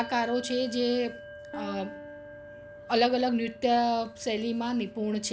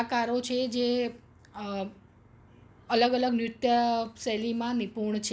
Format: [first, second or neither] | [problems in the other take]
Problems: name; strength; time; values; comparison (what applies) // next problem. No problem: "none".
second | background sound (Bell + Piano); 15 dB below the speech